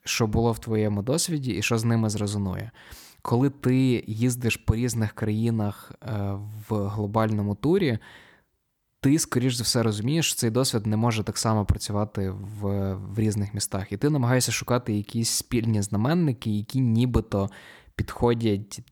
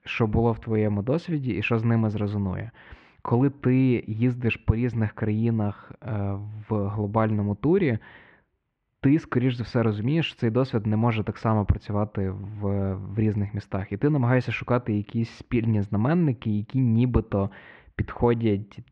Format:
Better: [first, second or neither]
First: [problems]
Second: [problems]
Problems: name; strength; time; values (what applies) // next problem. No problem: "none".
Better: first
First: none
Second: muffled; very; fading above 2.5 kHz